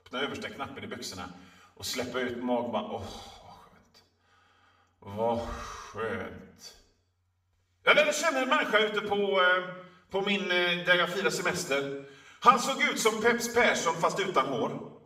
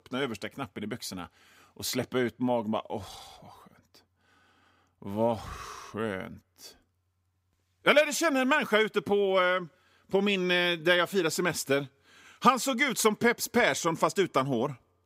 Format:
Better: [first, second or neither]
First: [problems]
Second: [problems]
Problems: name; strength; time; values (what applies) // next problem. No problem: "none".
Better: second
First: room echo; slight; dies away in 0.7 s // off-mic speech; far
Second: none